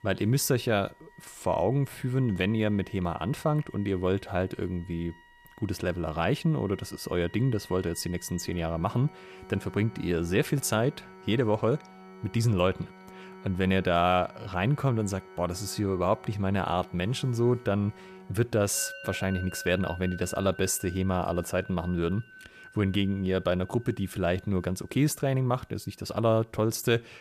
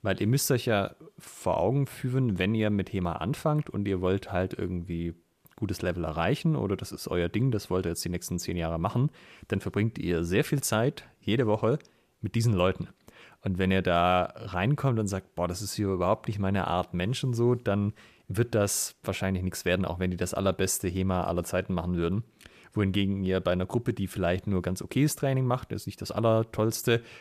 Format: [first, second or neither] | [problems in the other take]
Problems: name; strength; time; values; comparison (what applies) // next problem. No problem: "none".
second | background music; noticeable; throughout; 20 dB below the speech